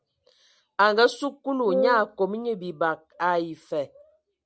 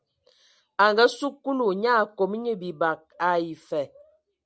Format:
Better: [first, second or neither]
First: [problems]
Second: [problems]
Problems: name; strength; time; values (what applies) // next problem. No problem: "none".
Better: second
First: background sound (Wind instrument, woodwind instrument); 1 dB below the speech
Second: none